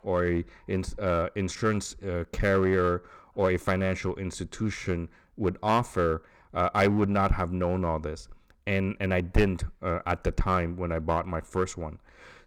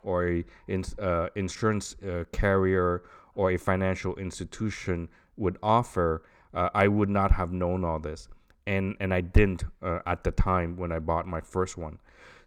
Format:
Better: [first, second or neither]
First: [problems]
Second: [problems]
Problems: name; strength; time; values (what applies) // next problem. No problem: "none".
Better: second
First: distortion; slight; 3% of the sound clipped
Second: none